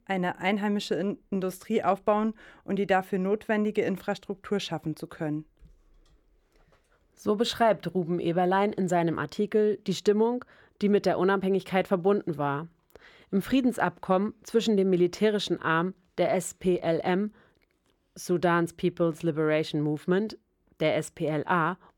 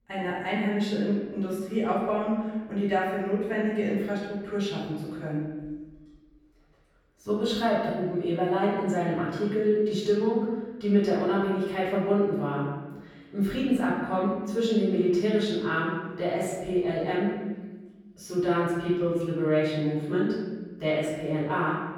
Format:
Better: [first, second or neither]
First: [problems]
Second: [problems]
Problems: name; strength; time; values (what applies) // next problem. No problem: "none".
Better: first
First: none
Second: off-mic speech; far // room echo; noticeable; dies away in 1.2 s